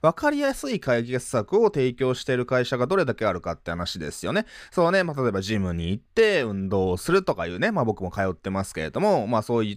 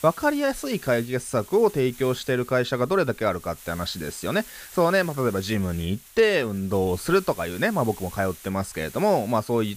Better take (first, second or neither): first